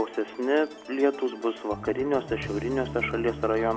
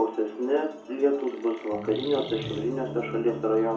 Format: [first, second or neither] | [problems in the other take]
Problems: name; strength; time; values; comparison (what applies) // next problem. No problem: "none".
first | background sound (Chirp, tweet); 17 dB below the speech // room echo; dies away in 0.5 s